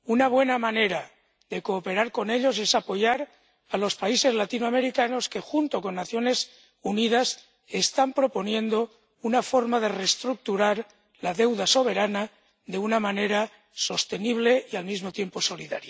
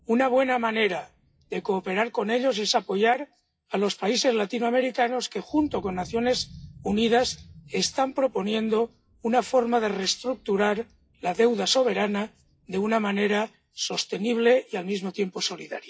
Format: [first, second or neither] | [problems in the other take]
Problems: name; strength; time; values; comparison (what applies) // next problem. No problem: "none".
first | noise reduction (classical method WPE with log-MMSE)